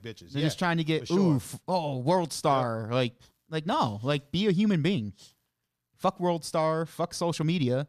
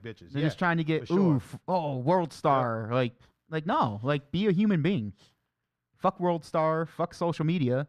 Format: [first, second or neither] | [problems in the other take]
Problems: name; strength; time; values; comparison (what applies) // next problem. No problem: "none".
first | muffled; slightly; fading above 3.5 kHz